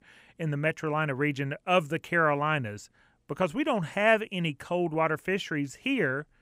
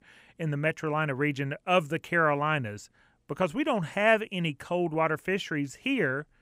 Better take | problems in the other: neither | none

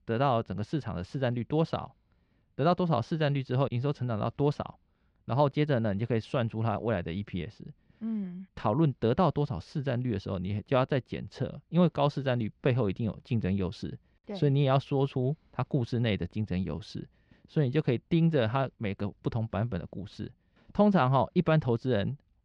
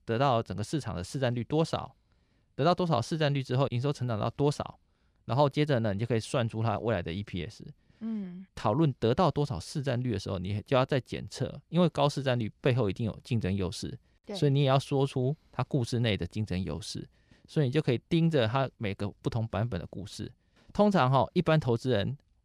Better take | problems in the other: second | muffled; very slightly; fading above 3 kHz

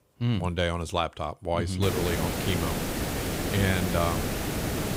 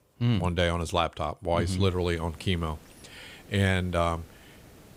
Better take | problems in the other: second | hiss; loud; from 2 s on; 1 dB below the speech; faint in the second

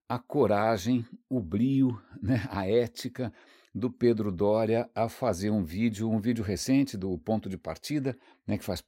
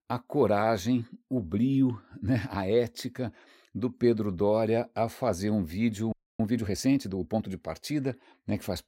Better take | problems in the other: first | audio freezing; at 6 s

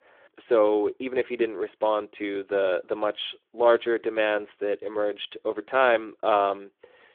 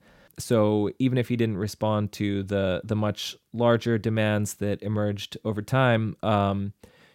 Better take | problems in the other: second | phone-call audio; nothing above 3.5 kHz

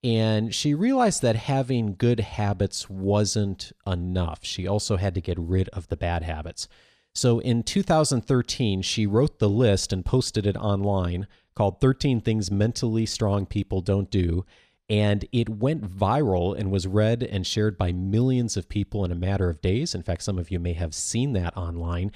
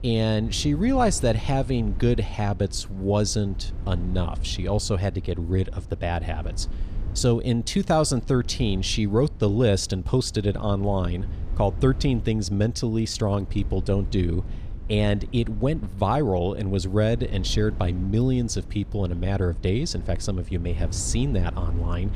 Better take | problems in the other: first | low rumble; faint; throughout; 20 dB below the speech

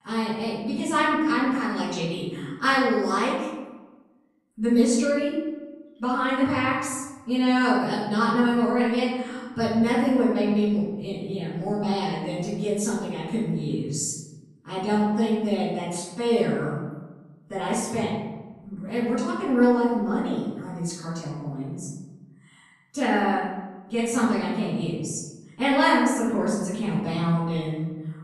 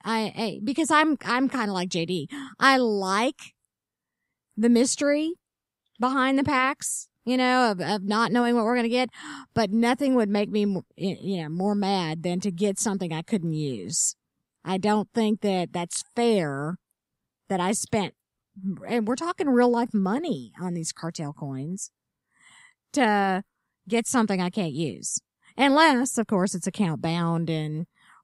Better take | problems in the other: second | off-mic speech; far // room echo; noticeable; dies away in 1.1 s

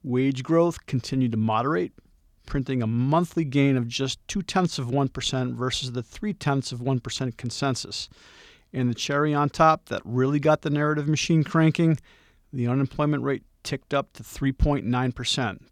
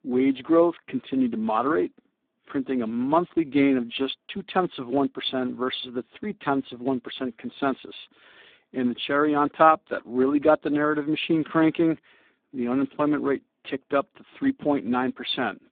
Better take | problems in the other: first | phone-call audio; poor line; nothing above 3.5 kHz

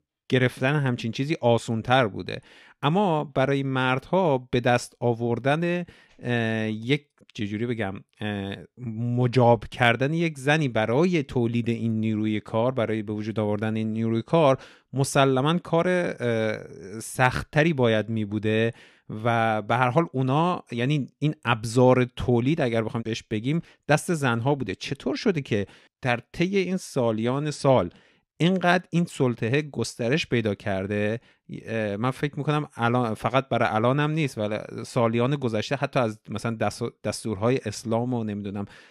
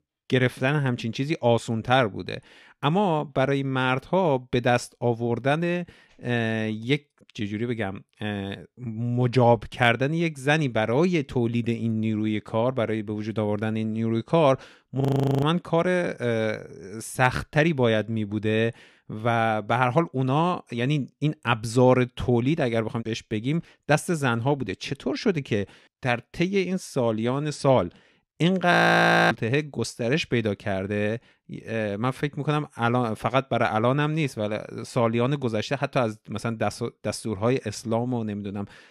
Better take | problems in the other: first | audio freezing; at 15 s and at 29 s for 0.5 s

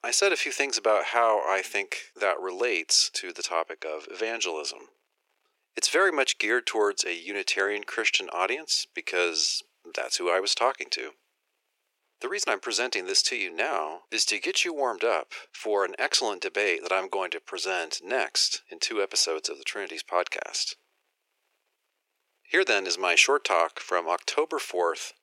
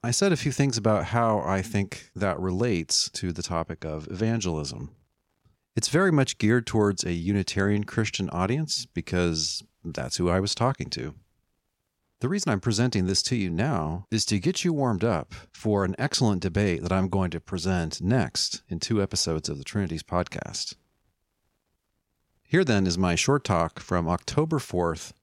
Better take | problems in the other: second | thin; very; fading below 400 Hz

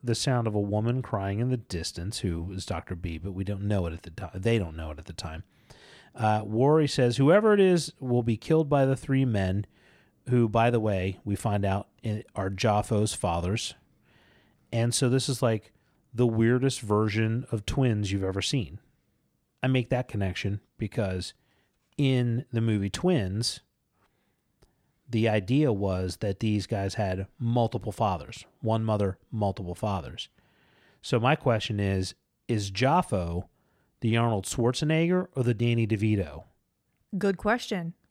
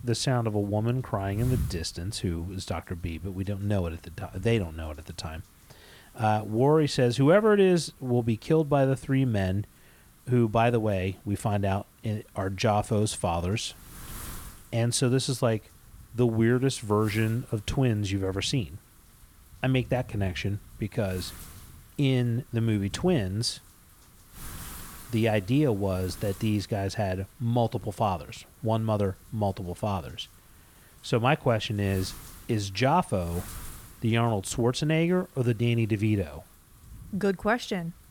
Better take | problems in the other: first | wind noise on the microphone; occasional gusts; 25 dB below the speech

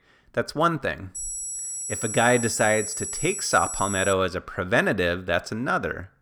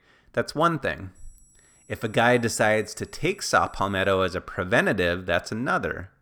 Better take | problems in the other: second | high-pitched whine; loud; from 1 to 4 s; 8 kHz, 5 dB below the speech; faint in the second

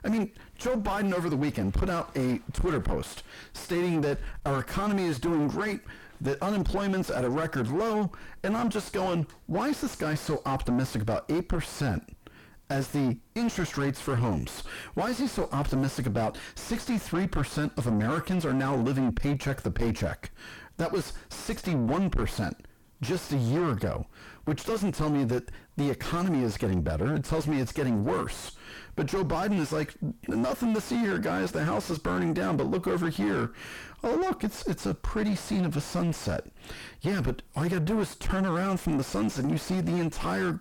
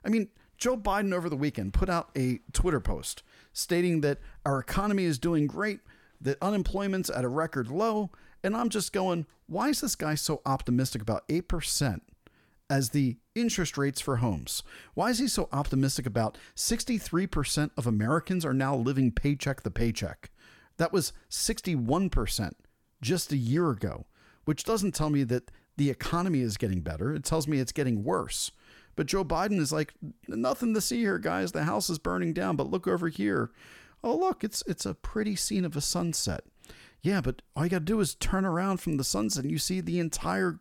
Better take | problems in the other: second | distortion; heavy; 3 dB below the speech

